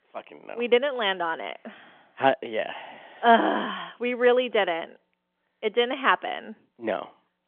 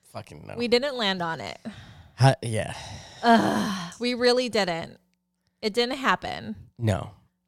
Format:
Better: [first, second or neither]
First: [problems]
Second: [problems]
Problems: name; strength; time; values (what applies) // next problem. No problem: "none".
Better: second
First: phone-call audio; nothing above 3.5 kHz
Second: none